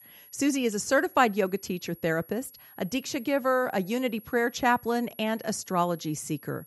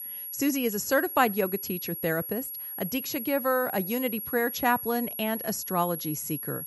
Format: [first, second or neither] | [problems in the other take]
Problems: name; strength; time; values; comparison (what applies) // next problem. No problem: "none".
first | high-pitched whine; loud; throughout; 11.5 kHz, 5 dB below the speech; faint in the first